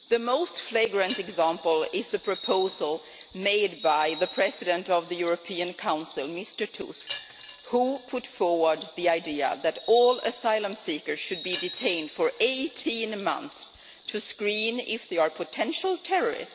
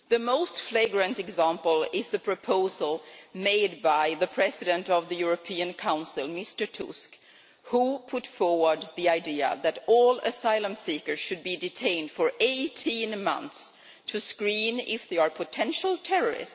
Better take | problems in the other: second | background sound (Bird vocalization, bird call, bird song + Wind chime); 16 dB below the speech

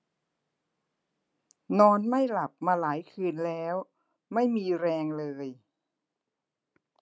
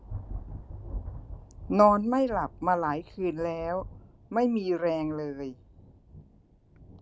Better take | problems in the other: first | background sound (Thunder); 14 dB below the speech

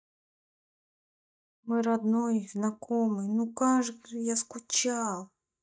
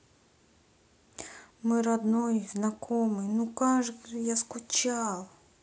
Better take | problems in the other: second | noise reduction (neural mask model DeepFilterNet 3)

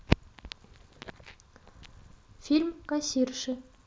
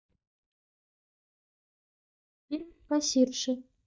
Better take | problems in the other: first | noise reduction (neural mask model DeepFilterNet 3)

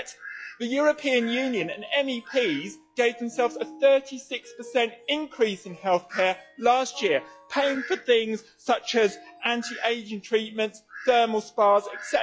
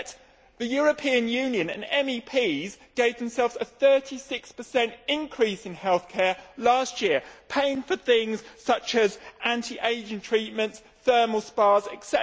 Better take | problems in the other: second | noise reduction (classical method log-MMSE)

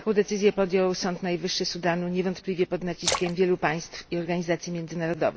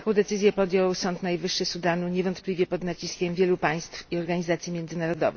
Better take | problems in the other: second | background sound (Splash, splatter); 9 dB below the speech

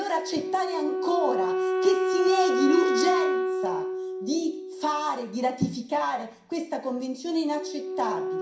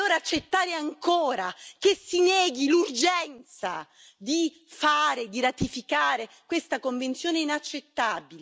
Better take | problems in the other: second | background sound (Wind instrument, woodwind instrument); 1 dB below the speech // room echo; dies away in 0.5 s

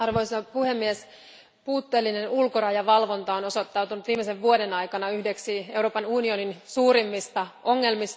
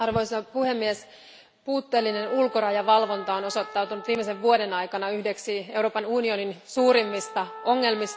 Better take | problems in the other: first | background sound (Trumpet); 17 dB below the speech

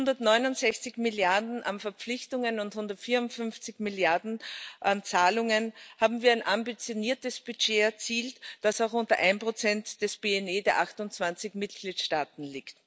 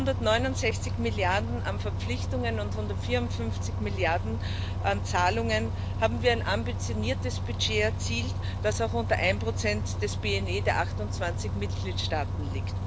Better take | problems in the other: first | background sound (Bus); as loud as the speech

